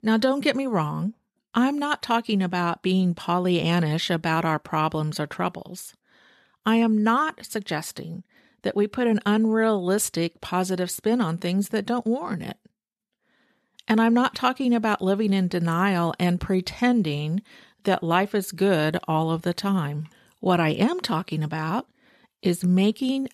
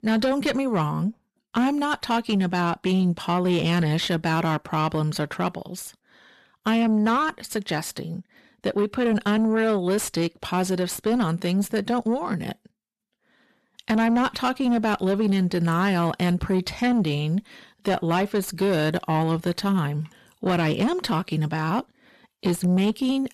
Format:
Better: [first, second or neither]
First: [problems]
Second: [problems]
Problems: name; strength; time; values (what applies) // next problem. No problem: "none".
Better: first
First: none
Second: distortion; slight; 10 dB below the speech